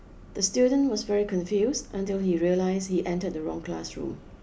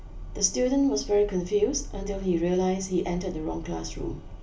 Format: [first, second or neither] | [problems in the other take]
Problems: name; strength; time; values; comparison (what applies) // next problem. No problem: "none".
first | room echo; dies away in 0.3 s